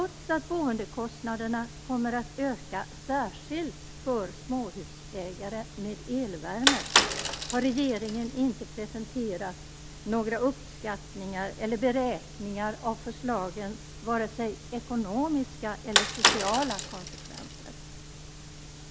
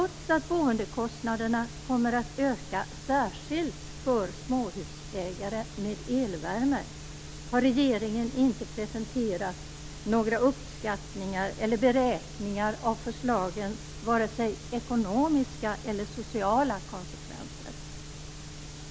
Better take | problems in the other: second | background sound (Bicycle); 3 dB above the speech

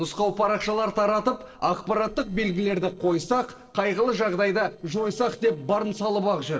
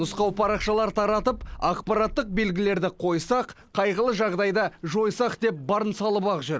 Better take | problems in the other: second | noise reduction (neural separator model SepFormer DNS4)

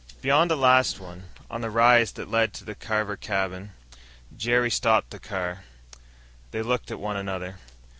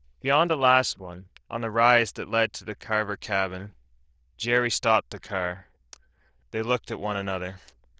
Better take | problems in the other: first | noise reduction (neural diffusion model UNIVERSE++)

